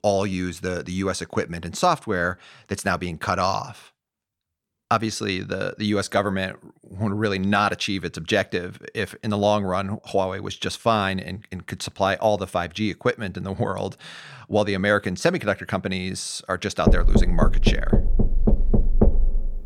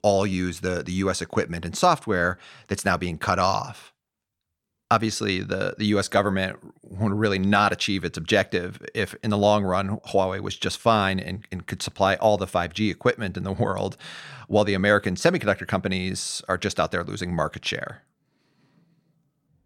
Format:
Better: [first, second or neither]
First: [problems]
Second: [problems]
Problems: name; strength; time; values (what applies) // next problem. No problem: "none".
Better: second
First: door banging; loud; from 17 s on; peak 5 dB above the speech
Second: none